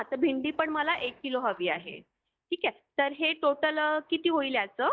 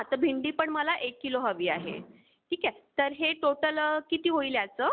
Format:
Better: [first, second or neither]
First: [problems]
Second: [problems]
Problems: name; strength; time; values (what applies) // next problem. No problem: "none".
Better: second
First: noise reduction (neural mask model DeepFilterNet 3)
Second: none